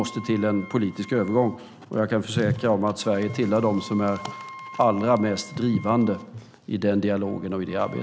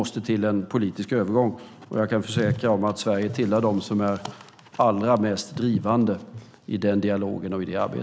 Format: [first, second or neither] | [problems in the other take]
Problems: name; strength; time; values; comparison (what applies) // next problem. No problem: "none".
second | background sound (Wind instrument, woodwind instrument); 20 dB below the speech